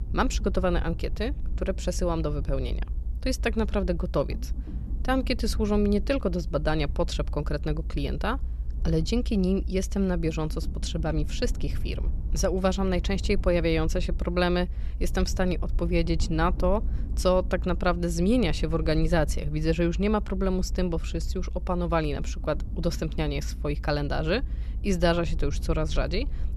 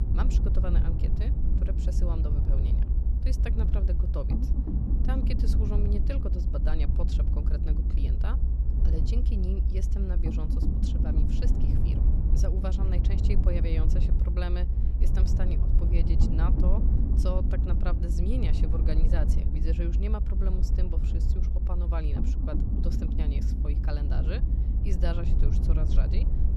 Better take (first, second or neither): first